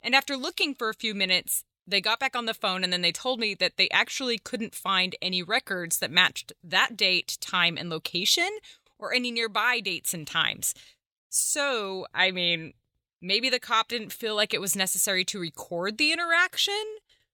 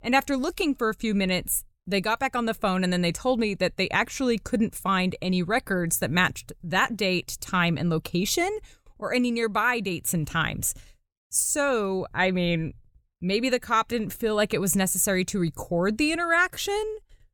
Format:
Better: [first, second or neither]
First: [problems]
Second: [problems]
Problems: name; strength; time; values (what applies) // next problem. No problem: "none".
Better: second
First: thin; somewhat; fading below 450 Hz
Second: none